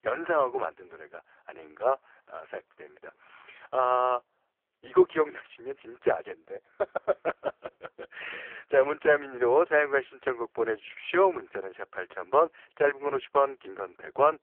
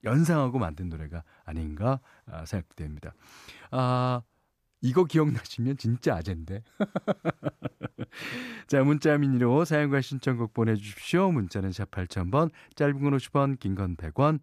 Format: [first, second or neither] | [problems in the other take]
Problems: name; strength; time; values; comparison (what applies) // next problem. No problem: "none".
second | phone-call audio; poor line; nothing above 3 kHz